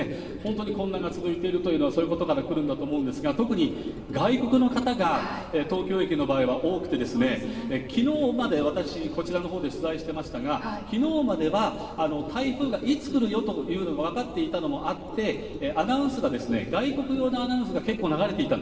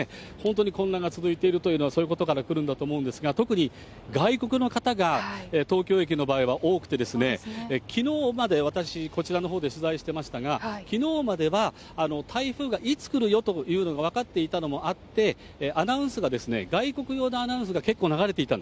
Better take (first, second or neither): second